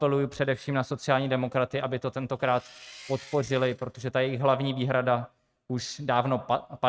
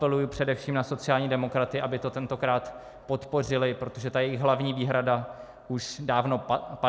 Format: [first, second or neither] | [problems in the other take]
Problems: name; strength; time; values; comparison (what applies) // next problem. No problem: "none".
second | noise reduction (neural mask model RNNoise)